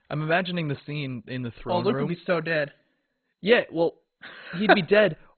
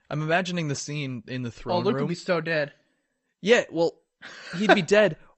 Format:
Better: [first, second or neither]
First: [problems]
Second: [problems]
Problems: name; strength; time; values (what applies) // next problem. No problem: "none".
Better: second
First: garbled, watery; badly; nothing above 4 kHz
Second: garbled, watery; slightly; nothing above 8 kHz